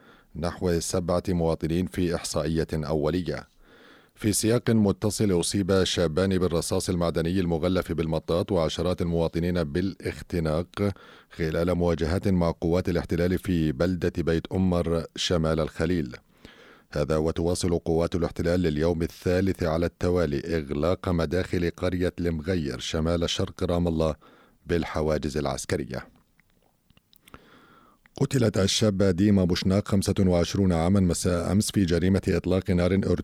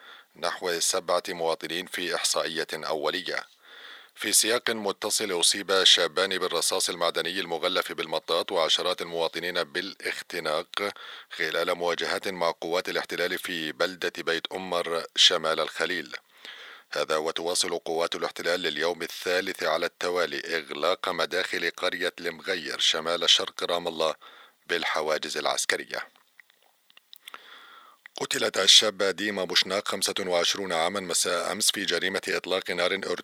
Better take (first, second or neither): first